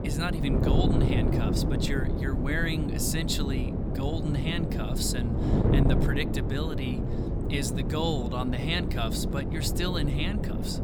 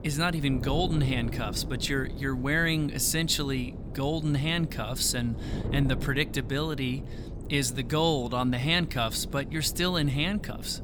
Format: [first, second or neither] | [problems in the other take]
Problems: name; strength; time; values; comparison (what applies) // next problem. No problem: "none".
second | wind noise on the microphone; heavy; 2 dB below the speech; occasional gusts in the second